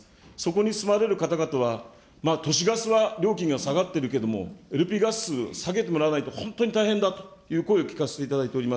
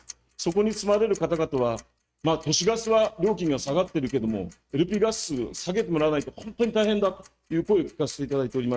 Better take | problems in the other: first | noise reduction (neural mask model RNNoise)

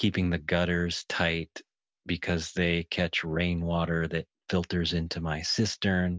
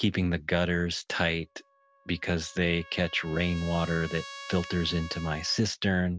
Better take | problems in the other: first | background sound (Trumpet); 18 dB below the speech

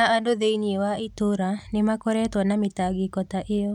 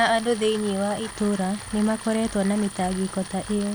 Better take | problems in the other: first | background sound (Tools); 14 dB below the speech

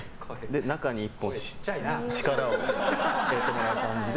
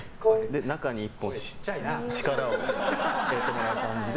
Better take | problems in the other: first | background sound (Wind instrument, woodwind instrument); 4 dB above the speech

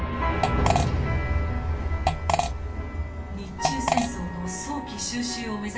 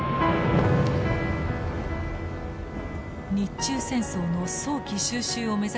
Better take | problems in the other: second | background sound (Fart); 2 dB below the speech // room echo; dies away in 0.3 s

